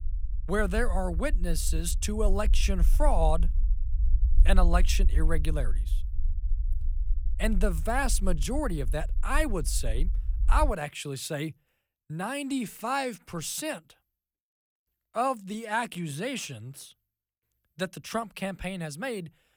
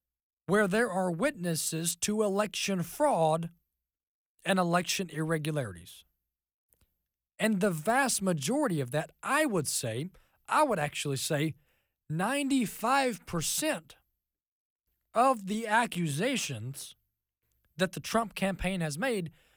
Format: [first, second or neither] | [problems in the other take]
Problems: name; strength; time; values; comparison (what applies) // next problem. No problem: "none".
second | low rumble; faint; until 11 s; 20 dB below the speech